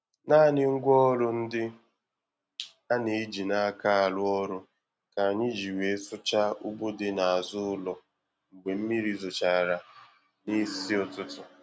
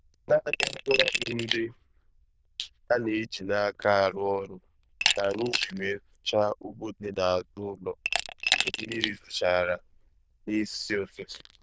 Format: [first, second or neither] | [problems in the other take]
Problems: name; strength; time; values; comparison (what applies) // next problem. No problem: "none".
first | noise reduction (neural diffusion model UNIVERSE++)